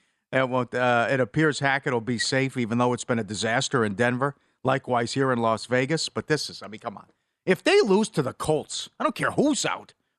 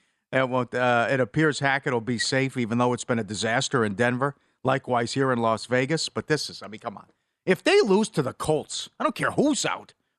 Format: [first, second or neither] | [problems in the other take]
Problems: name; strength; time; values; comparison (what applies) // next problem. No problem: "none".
neither | none